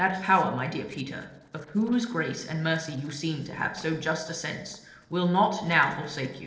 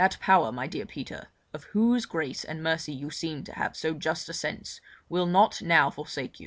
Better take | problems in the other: second | noise reduction (neural separator model SepFormer DNS4)

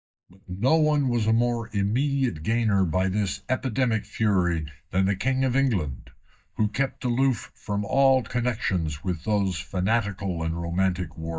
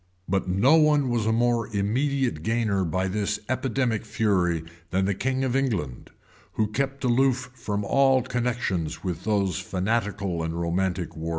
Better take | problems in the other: second | noise reduction (neural mask model DeepFilterNet 3)

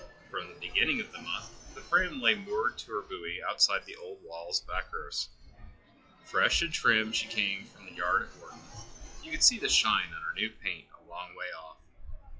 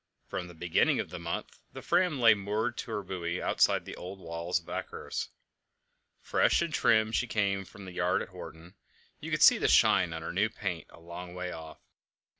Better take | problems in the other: second | noise reduction (classical method WPE with log-MMSE)

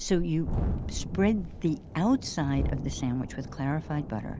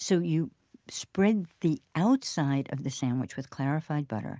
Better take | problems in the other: second | background sound (Thunderstorm); 5 dB below the speech

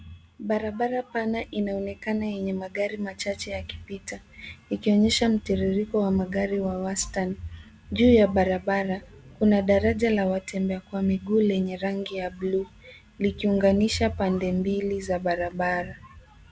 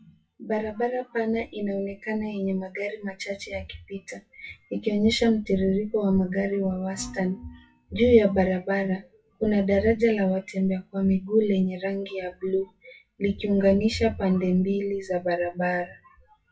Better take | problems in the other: first | noise reduction (classical method WPE with log-MMSE)

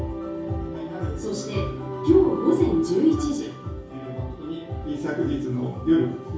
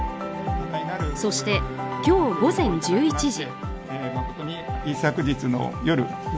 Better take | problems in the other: second | room echo; dies away in 0.6 s

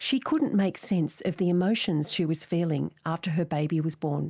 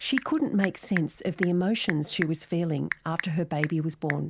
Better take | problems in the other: first | background sound (Telephone / Typing); 10 dB below the speech

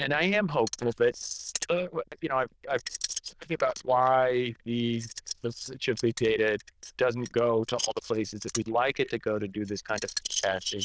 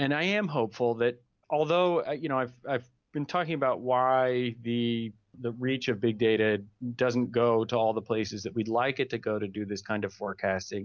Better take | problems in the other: second | noise reduction (neural diffusion model UNIVERSE++)

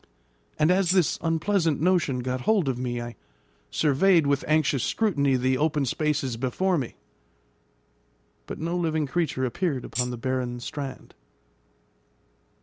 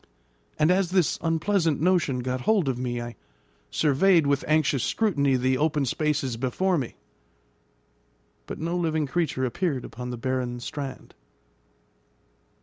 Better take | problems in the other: second | background sound (Tambourine); 10 dB below the speech

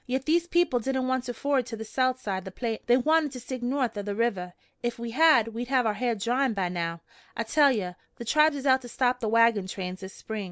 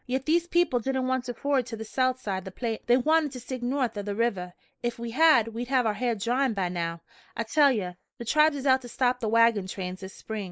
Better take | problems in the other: first | noise reduction (neural mask model Resemble Enhance denoiser)

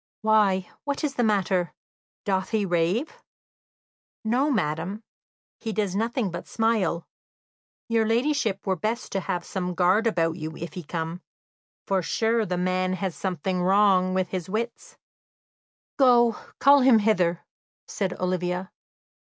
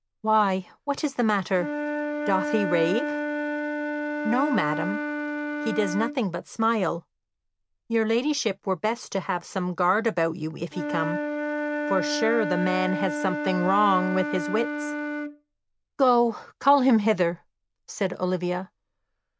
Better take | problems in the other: first | background sound (Wind instrument, woodwind instrument); 6 dB below the speech

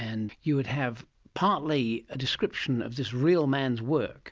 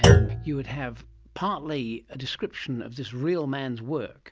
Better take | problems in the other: first | background sound (Thump, thud); 5 dB above the speech

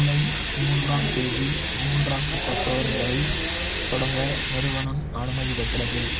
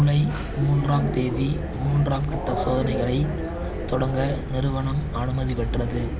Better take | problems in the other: second | background sound (Hiss); 5 dB below the speech

